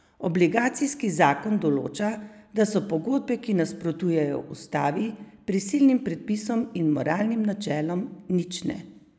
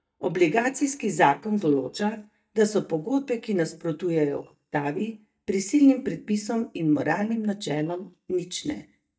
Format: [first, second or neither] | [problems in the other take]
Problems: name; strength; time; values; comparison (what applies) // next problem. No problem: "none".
first | noise reduction (neural mask model DeepFilterNet 3)